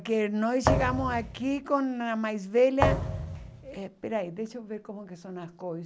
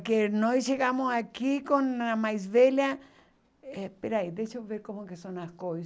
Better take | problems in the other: second | background sound (Thump, thud); 1 dB below the speech

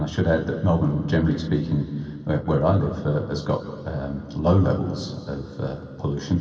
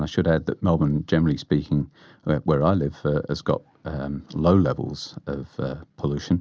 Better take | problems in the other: second | room echo; dies away in 2.4 s

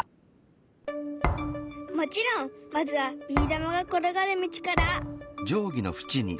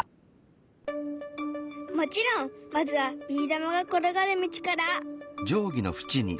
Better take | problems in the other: second | background sound (Thump, thud); 3 dB below the speech

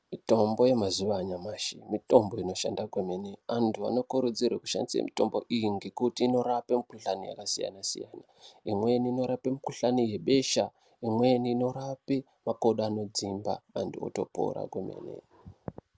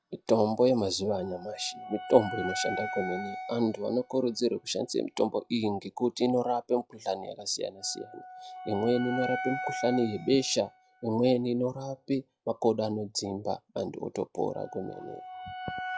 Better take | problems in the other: first | noise reduction (classical method log-MMSE)

